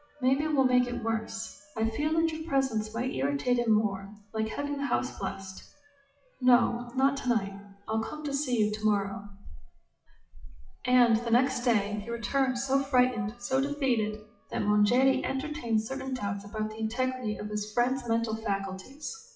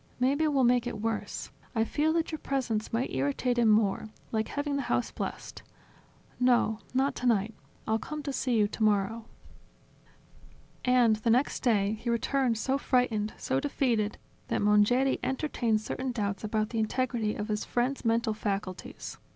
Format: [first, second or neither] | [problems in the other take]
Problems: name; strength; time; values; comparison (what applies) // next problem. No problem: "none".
second | noise reduction (classical method WPE with log-MMSE)